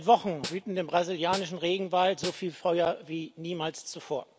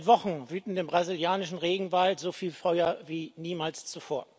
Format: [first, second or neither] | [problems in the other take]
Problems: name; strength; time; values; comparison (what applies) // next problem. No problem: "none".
second | background sound (Snare drum); 14 dB below the speech